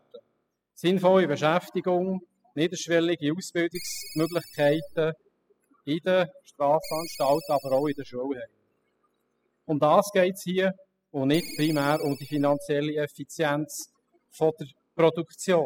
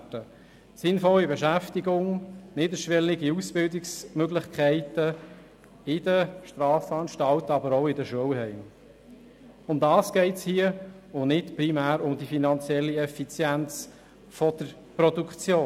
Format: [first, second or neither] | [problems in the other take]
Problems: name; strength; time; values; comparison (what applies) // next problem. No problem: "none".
second | noise reduction (classical method spectral subtraction)